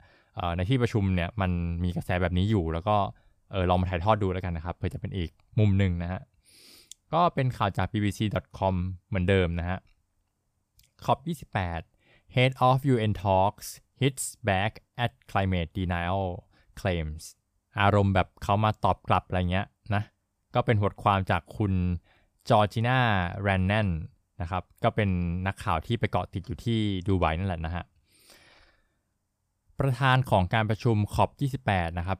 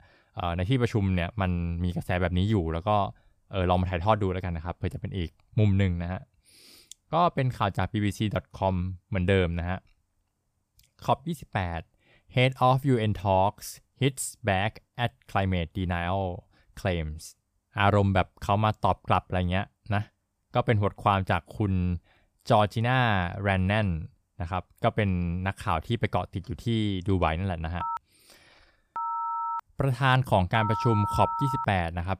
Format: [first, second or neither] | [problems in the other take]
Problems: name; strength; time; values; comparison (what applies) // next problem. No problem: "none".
first | phone ringing; noticeable; from 28 to 32 s; peak 3 dB below the speech